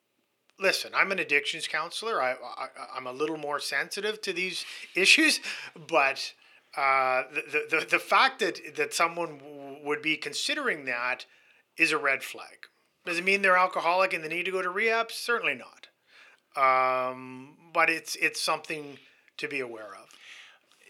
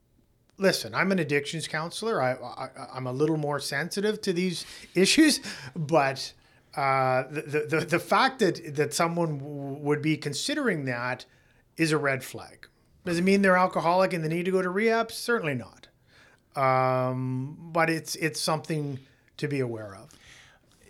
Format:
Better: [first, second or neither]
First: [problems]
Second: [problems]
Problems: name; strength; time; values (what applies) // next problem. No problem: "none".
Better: second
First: thin; somewhat; fading below 400 Hz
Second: none